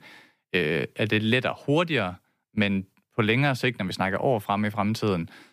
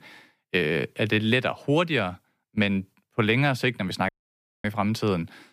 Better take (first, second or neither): first